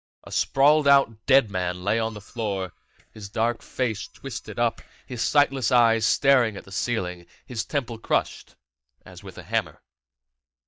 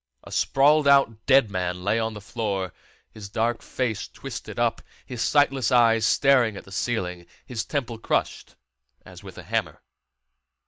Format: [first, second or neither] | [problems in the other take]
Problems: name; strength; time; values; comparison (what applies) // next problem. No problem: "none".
second | noise reduction (neural mask model DeepFilterNet 3)